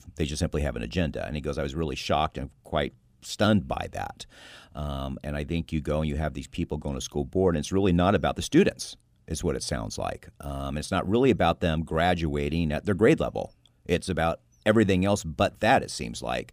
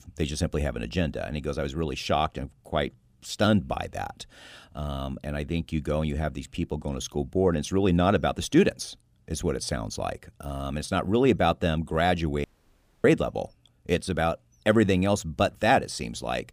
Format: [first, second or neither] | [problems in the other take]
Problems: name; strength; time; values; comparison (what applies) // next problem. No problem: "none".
first | audio cutting out; at 12 s for 0.5 s